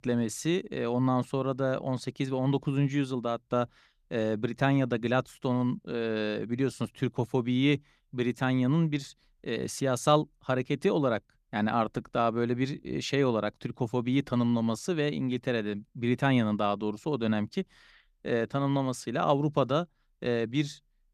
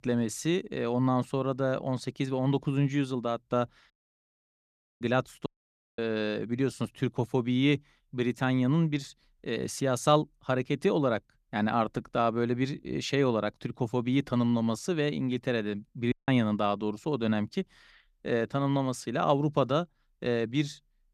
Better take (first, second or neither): first